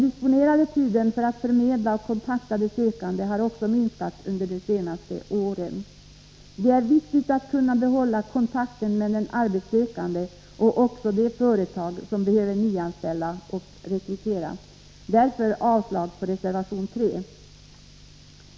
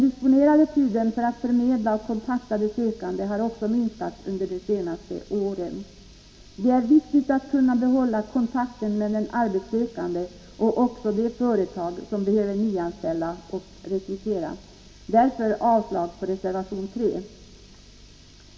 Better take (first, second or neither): first